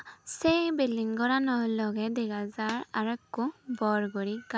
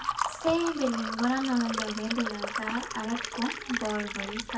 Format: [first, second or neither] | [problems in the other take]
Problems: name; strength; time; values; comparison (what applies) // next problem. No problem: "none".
first | background sound (Liquid); 4 dB below the speech // room echo; dies away in 0.2 s